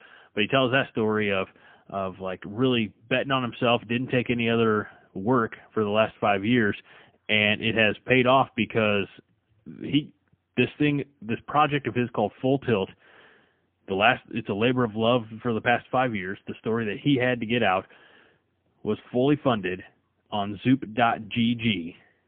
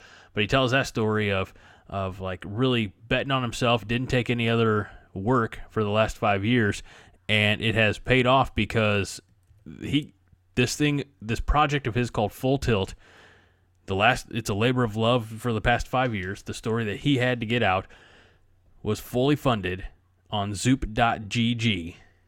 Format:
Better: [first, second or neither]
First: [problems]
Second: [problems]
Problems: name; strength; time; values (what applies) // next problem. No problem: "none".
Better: second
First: phone-call audio; poor line; nothing above 3 kHz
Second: none